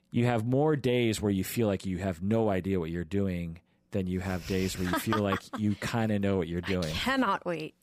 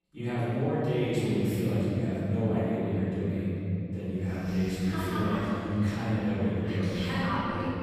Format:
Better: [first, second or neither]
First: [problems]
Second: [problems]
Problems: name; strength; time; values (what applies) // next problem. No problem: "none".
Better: first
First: none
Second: off-mic speech; far // room echo; strong; dies away in 3 s